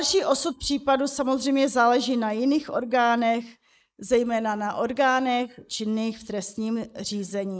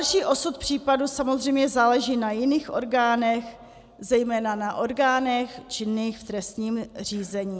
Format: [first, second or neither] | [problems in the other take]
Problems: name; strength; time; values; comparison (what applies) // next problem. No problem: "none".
second | noise reduction (neural mask model Resemble Enhance denoiser)